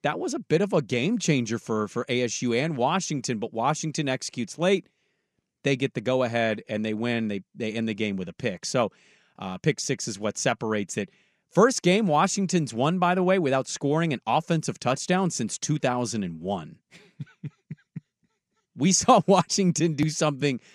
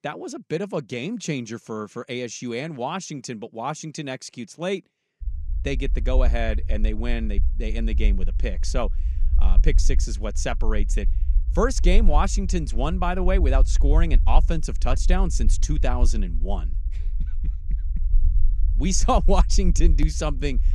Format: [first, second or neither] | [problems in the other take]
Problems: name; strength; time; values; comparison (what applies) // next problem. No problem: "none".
first | low rumble; noticeable; from 5 s on; 20 dB below the speech